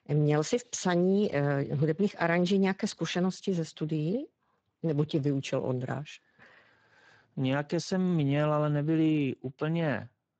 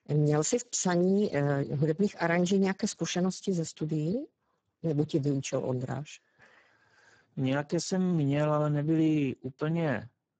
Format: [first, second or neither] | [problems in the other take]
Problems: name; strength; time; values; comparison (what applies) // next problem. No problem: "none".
first | garbled, watery; badly; nothing above 7.5 kHz; slightly in the first